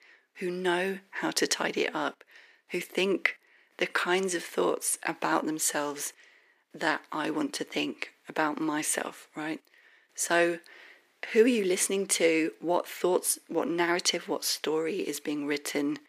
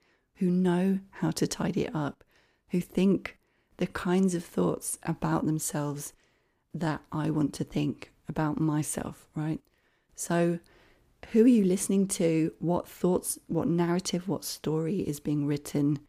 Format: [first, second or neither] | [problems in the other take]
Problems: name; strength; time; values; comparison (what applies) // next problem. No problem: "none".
second | thin; somewhat; fading below 350 Hz